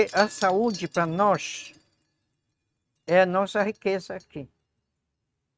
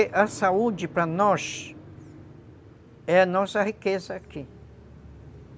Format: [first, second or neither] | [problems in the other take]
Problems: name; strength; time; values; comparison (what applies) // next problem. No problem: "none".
second | noise reduction (neural mask model RNNoise)